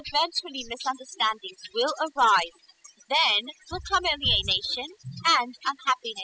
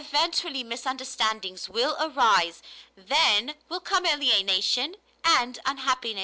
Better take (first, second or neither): second